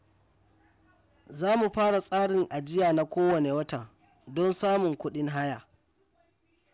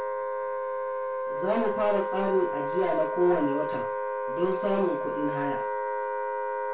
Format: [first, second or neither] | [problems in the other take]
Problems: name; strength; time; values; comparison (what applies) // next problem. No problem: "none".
first | background sound (Wind instrument, woodwind instrument); 1 dB below the speech // room echo; dies away in 0.2 s